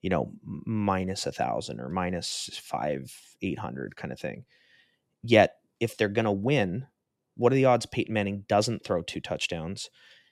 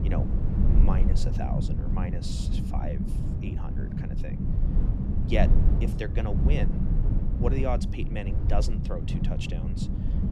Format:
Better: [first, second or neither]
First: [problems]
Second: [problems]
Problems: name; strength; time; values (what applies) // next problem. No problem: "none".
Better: first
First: none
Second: low rumble; loud; throughout; 3 dB below the speech